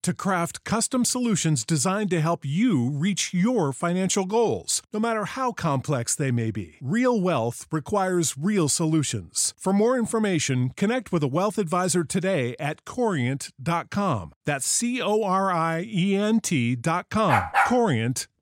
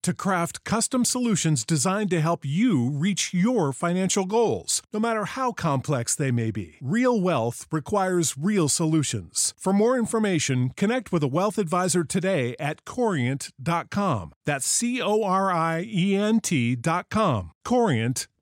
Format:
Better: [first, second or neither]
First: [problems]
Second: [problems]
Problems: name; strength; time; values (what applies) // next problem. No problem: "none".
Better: second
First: dog barking; loud; at 17 s; peak 3 dB above the speech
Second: none